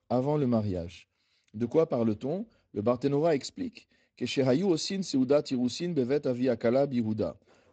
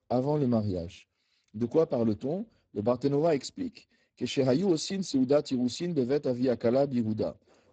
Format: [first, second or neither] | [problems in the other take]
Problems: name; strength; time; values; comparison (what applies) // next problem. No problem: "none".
first | garbled, watery; badly; nothing above 8 kHz; slightly in the first